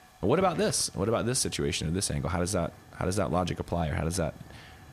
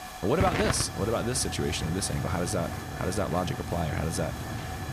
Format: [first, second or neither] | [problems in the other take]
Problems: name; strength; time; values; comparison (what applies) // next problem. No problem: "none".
first | hiss; loud; throughout; 5 dB below the speech; faint in the first